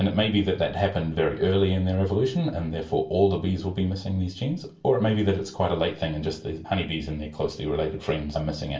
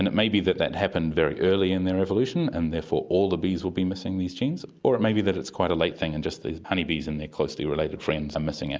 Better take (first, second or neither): second